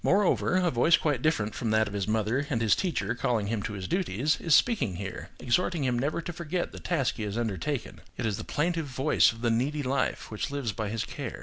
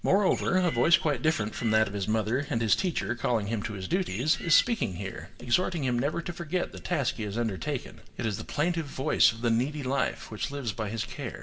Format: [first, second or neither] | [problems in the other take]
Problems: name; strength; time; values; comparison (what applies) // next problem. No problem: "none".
first | background sound (Bird); 12 dB below the speech // room echo; dies away in 0.5 s